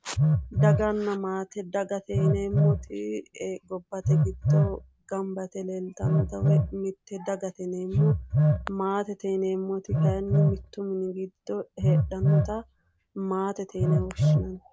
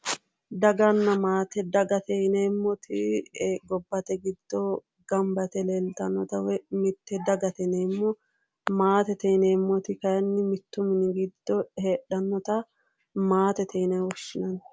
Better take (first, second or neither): second